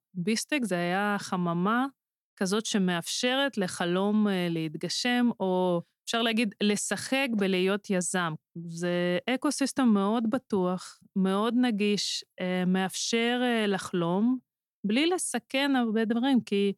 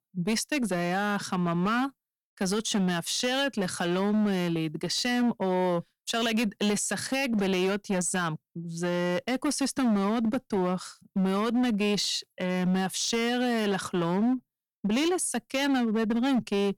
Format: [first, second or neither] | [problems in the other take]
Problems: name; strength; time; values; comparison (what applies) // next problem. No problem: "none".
first | distortion; slight; 14% of the sound clipped